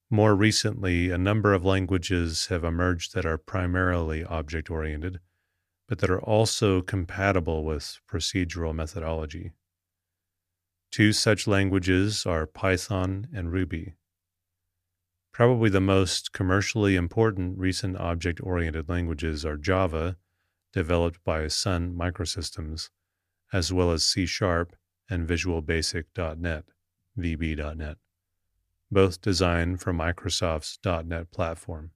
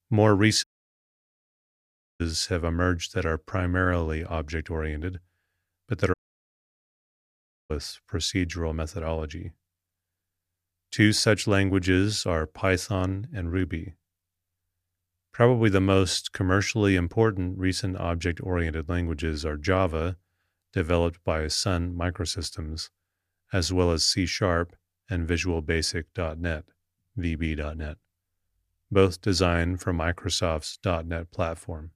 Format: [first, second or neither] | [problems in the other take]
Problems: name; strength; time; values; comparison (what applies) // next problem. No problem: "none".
first | audio cutting out; at 0.5 s for 1.5 s and at 6 s for 1.5 s